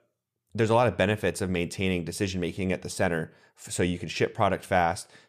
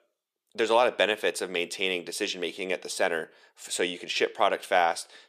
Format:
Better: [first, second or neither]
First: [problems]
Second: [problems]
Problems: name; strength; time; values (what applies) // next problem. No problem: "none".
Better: first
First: none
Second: thin; somewhat; fading below 350 Hz